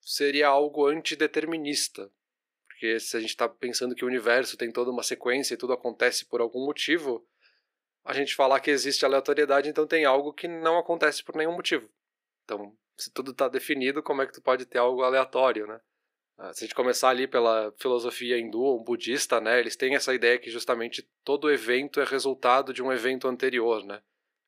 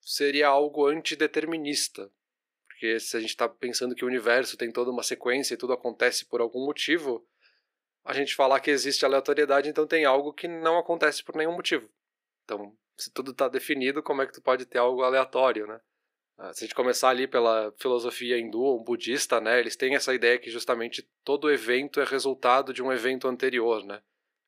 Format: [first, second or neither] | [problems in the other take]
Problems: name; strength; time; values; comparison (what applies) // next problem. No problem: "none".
neither | thin; somewhat; fading below 350 Hz; the same in both